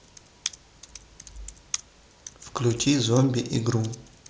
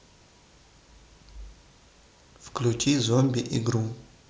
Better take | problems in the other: second | background sound (Computer keyboard); 14 dB below the speech

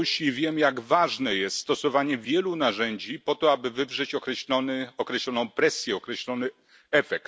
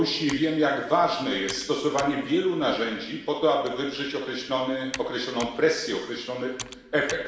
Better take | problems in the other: first | background sound (Computer keyboard); 18 dB below the speech // room echo; dies away in 1.1 s

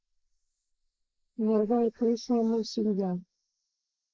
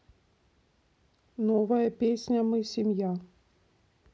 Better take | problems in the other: second | noise reduction (neural mask model Resemble Enhance denoiser)

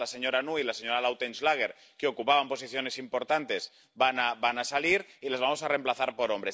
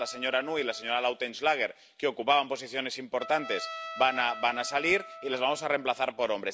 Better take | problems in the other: first | background sound (Trumpet); 15 dB below the speech

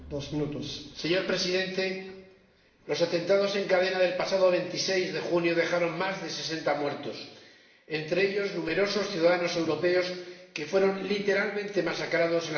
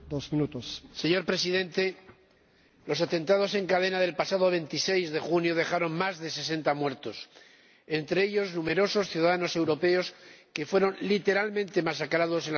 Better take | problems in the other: second | room echo; dies away in 1 s

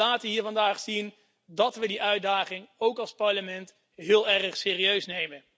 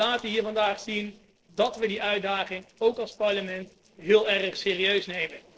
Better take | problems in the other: first | noise reduction (neural separator model SepFormer DNS4)

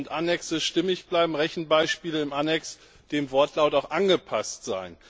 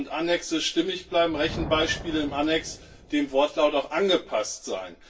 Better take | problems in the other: first | background sound (Thunder); 16 dB below the speech // room echo; dies away in 0.2 s

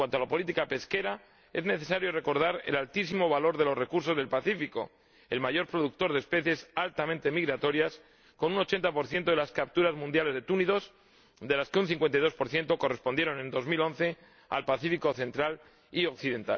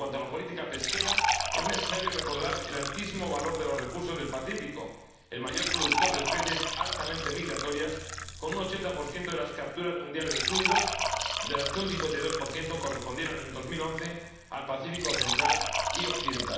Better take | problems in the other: first | background sound (Fill (with liquid) / Trickle, dribble); 1 dB above the speech // room echo; dies away in 1.1 s

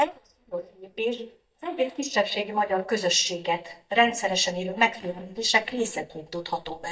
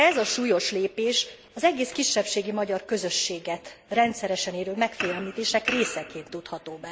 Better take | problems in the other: second | noise reduction (neural mask model DeepFilterNet 3)

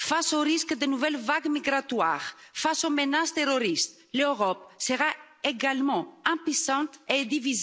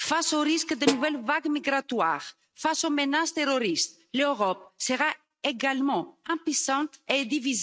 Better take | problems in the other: first | noise reduction (neural mask model RNNoise)

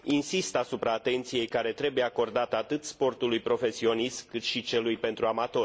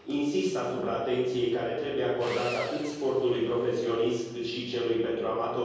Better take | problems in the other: first | background sound (Sawing); 19 dB below the speech // room echo; dies away in 1.3 s

